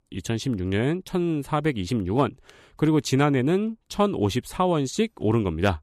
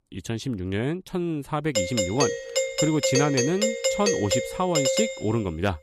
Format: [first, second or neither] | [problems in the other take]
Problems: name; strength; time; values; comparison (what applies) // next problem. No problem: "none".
first | doorbell; loud; from 2 to 5 s; peak 4 dB above the speech